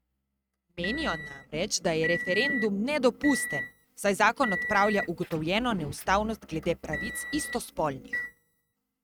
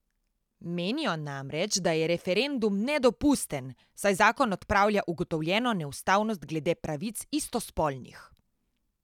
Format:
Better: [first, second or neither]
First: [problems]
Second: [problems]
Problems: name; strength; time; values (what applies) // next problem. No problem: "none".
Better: second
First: noise reduction (neural mask model RNNoise)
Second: none